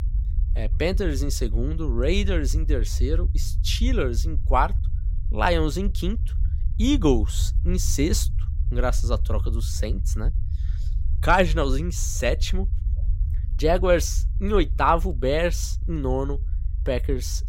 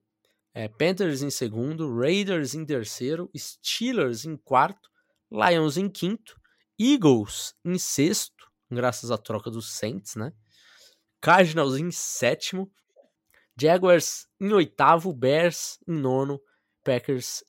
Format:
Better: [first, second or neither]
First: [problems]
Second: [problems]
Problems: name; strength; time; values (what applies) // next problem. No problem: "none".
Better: second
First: low rumble; faint; throughout; 20 dB below the speech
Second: none